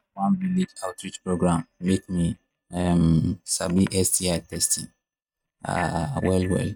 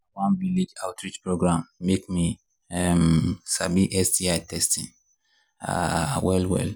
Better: second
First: noise reduction (neural mask model RNNoise)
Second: none

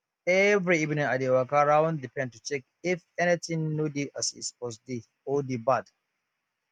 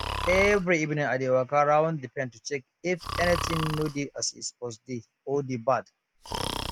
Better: first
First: none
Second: background sound (Breathing); 9 dB below the speech

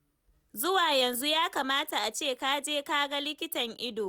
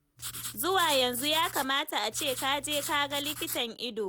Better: first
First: none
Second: background sound (Writing); 10 dB below the speech

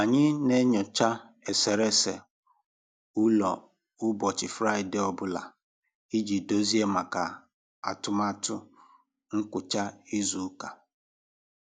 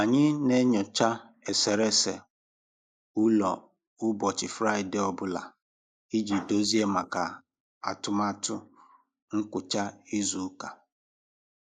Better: first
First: none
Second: noise reduction (neural mask model Resemble Enhance denoiser)

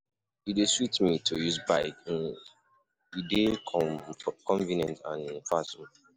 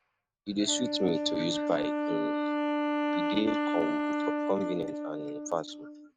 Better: first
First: none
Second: noise reduction (neural mask model RNNoise)

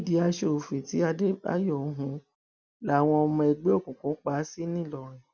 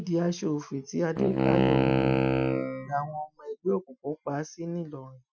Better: first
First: none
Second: noise reduction (classical method Wiener filter)

